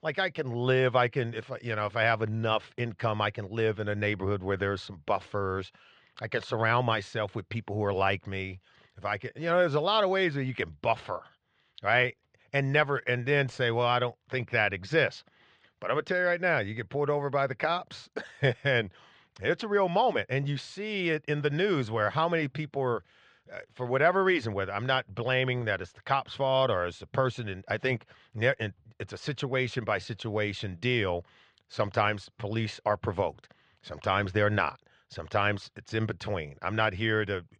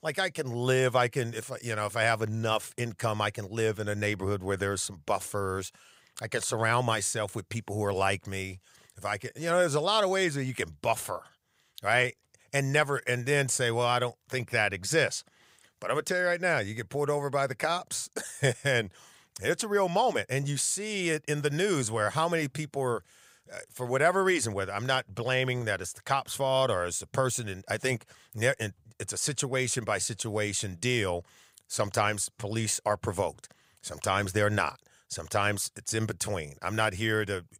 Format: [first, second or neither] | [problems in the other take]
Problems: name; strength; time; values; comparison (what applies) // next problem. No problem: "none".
second | muffled; slightly; fading above 4 kHz